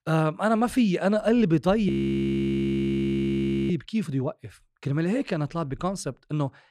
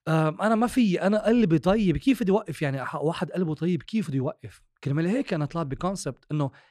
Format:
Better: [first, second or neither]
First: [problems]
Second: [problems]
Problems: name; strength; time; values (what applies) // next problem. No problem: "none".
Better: second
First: audio freezing; at 2 s for 2 s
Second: none